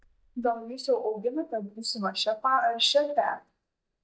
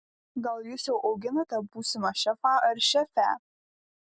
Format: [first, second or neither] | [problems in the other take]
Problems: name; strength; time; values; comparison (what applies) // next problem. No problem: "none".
second | noise reduction (neural mask model DeepFilterNet 3)